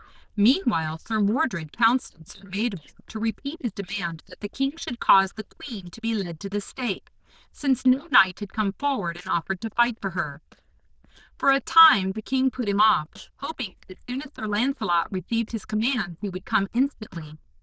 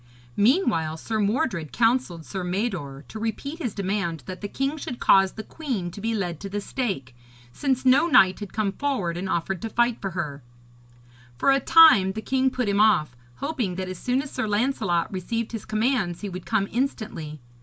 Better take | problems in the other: second | noise reduction (neural diffusion model UNIVERSE++)

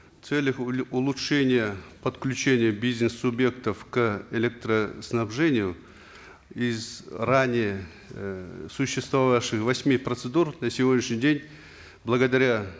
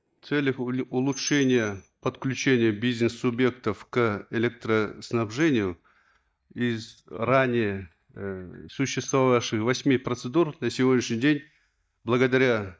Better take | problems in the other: first | noise reduction (neural mask model DeepFilterNet 3)

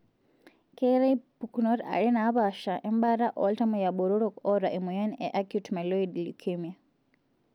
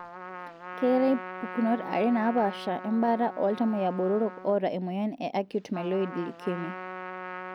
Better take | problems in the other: first | background sound (Trumpet); 12 dB below the speech

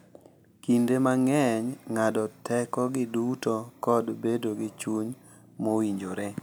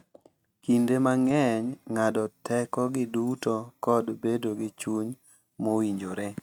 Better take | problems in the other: first | noise reduction (neural mask model RNNoise)

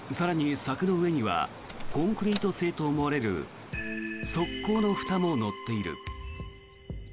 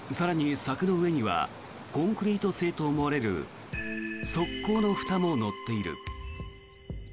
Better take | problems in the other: second | background sound (Door); 7 dB below the speech

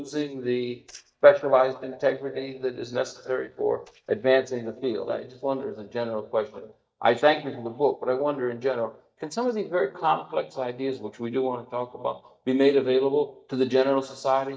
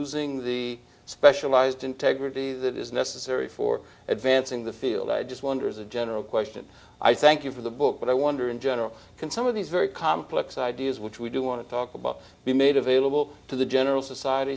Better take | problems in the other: second | noise reduction (neural mask model DeepFilterNet 3)

